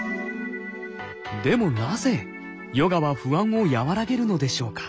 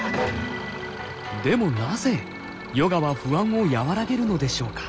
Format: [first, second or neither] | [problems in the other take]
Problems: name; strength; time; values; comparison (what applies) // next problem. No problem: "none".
first | background sound (Train + Idling / Engine starting); 11 dB below the speech